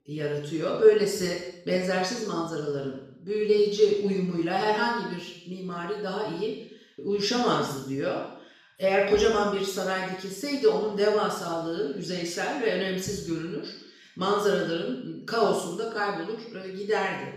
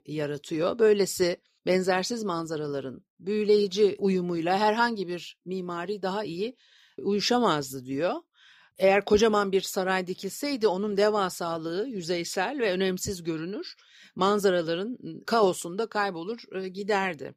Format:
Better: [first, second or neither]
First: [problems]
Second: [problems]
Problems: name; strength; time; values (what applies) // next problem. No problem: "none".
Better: second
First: room echo; noticeable; dies away in 0.7 s // off-mic speech; far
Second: none